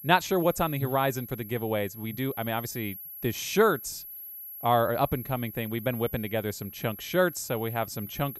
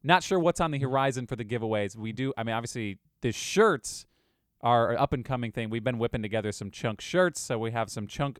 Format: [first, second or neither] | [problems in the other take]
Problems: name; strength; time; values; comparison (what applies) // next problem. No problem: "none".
second | high-pitched whine; noticeable; throughout; 11.5 kHz, 10 dB below the speech